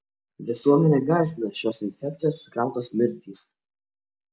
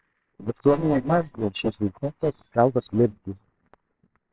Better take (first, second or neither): first